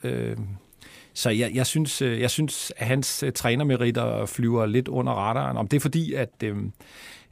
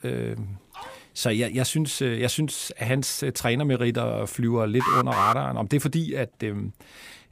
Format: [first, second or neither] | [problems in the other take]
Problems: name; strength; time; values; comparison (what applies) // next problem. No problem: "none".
first | dog barking; faint; at 0.5 s; peak 15 dB below the speech // alarm; loud; at 5 s; peak 4 dB above the speech